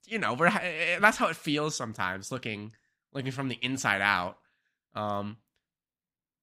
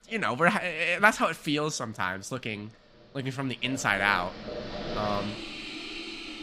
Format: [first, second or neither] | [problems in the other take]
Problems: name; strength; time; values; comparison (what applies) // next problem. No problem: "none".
first | household noises; loud; throughout; 10 dB below the speech